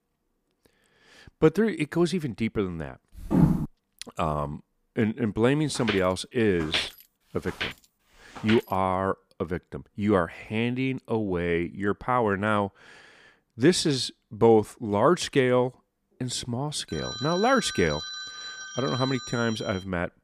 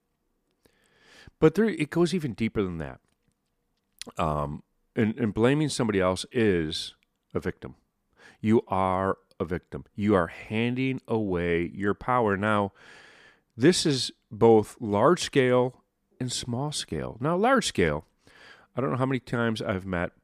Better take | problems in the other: second | footsteps; loud; at 3.5 s; peak 4 dB above the speech // footsteps; noticeable; from 6 to 8.5 s; peak 3 dB below the speech // phone ringing; noticeable; from 17 s on; peak 7 dB below the speech

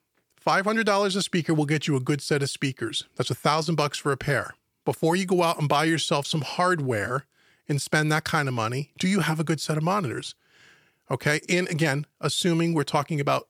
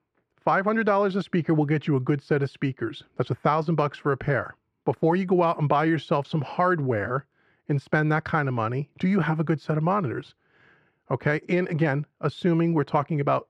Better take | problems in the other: first | muffled; very; fading above 4 kHz

